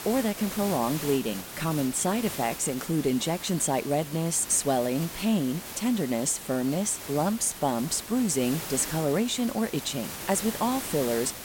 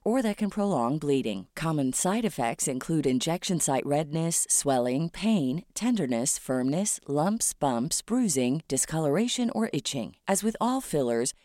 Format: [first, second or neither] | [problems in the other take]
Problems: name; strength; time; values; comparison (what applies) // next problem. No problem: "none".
second | hiss; loud; throughout; 9 dB below the speech